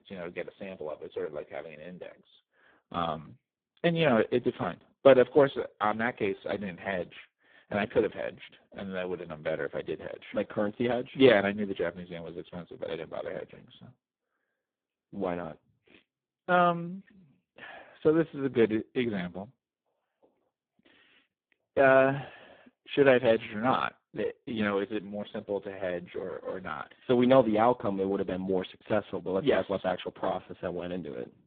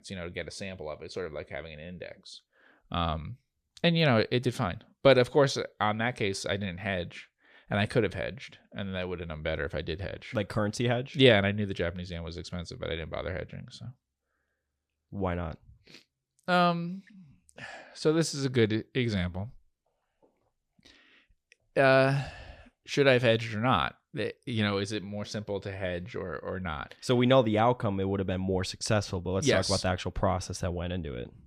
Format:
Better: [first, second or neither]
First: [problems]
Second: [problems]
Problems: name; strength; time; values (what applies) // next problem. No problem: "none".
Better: second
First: phone-call audio; poor line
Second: none